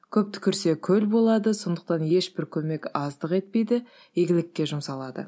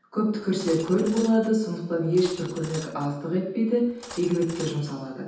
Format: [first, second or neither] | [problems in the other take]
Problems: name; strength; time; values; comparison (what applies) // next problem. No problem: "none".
first | background sound (Cutlery, silverware); 18 dB below the speech // room echo; dies away in 0.9 s